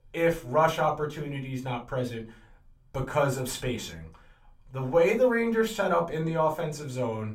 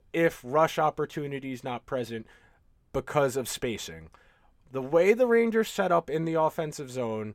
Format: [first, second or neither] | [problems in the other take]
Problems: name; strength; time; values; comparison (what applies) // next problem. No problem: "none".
second | off-mic speech; somewhat distant // room echo; very slight; dies away in 0.2 s